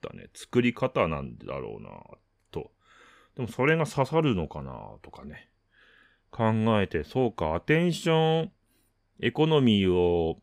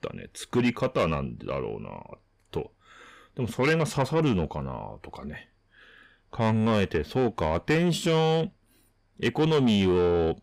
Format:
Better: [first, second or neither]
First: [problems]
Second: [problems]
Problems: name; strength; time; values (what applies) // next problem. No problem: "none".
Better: first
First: none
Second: distortion; slight; 10 dB below the speech